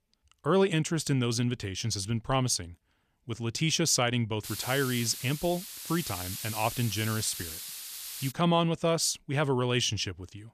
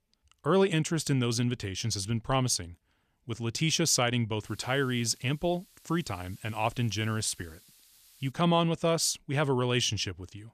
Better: second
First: hiss; loud; from 4.5 to 8.5 s; 8 dB below the speech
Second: hiss; faint; from 4.5 to 8.5 s; 25 dB below the speech

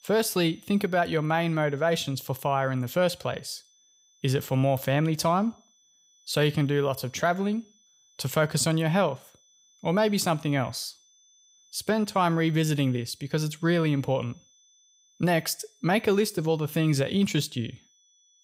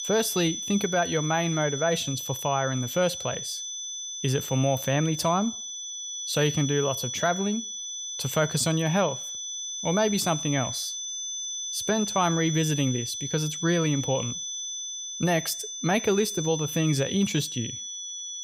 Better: first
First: high-pitched whine; faint; throughout; 6 kHz, 35 dB below the speech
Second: high-pitched whine; loud; throughout; 6 kHz, 5 dB below the speech

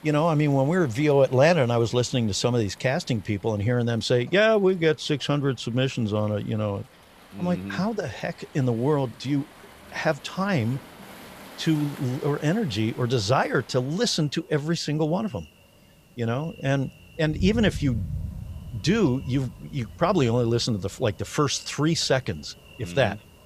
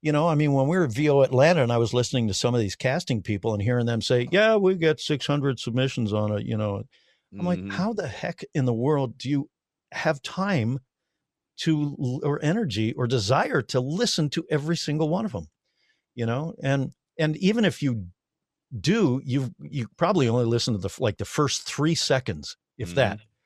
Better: second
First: rain or running water; noticeable; throughout; 20 dB below the speech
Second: none

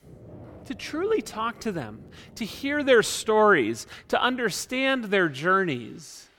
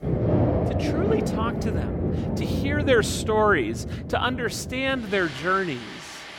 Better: first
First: rain or running water; faint; throughout; 25 dB below the speech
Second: rain or running water; loud; throughout; 3 dB below the speech

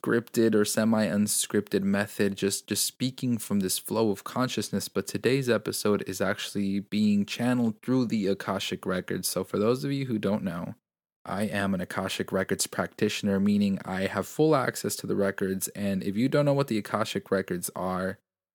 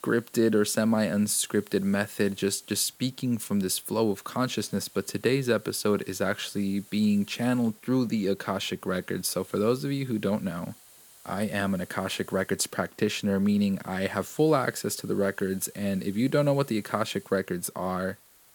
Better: first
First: none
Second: hiss; faint; throughout; 25 dB below the speech

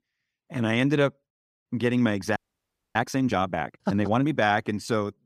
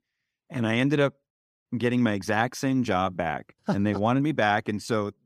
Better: second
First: audio freezing; at 2.5 s for 0.5 s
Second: none

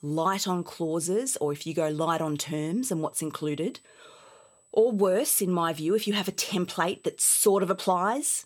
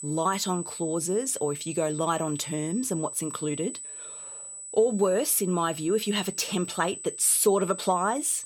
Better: first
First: high-pitched whine; faint; throughout; 8 kHz, 35 dB below the speech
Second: high-pitched whine; loud; throughout; 8 kHz, 10 dB below the speech

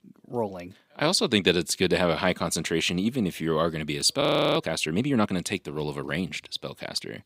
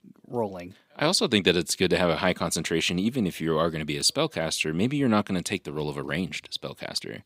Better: second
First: audio freezing; at 4 s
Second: none

